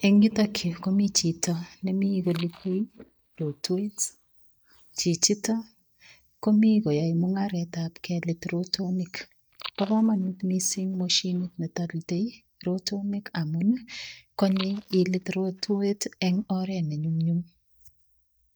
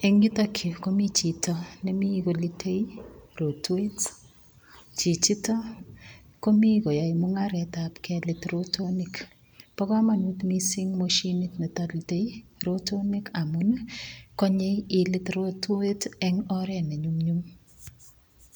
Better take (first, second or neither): second